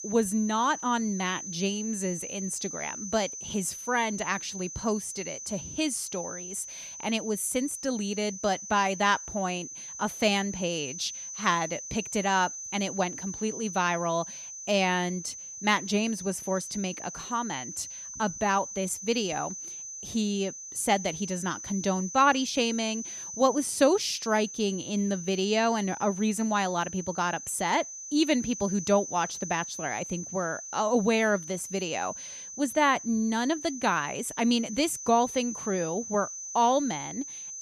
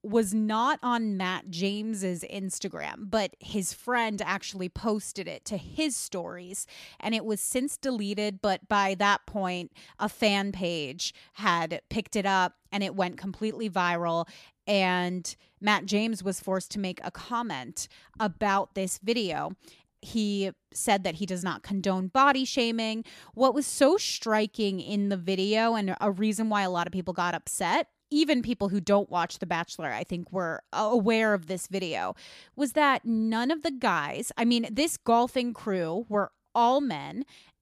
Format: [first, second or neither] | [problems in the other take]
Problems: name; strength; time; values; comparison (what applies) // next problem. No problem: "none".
second | high-pitched whine; loud; throughout; 6 kHz, 9 dB below the speech